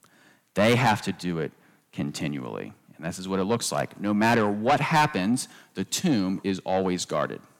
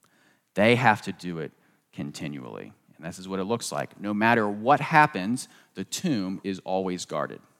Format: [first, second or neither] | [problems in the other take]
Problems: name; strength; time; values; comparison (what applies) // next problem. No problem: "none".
second | distortion; heavy; 7 dB below the speech